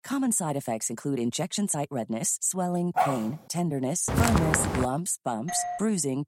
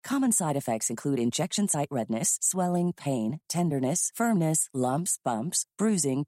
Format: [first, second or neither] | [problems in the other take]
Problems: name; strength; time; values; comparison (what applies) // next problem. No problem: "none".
second | dog barking; loud; at 3 s; peak 1 dB above the speech // footsteps; loud; at 4 s; peak 3 dB above the speech // doorbell; noticeable; at 5.5 s; peak 5 dB below the speech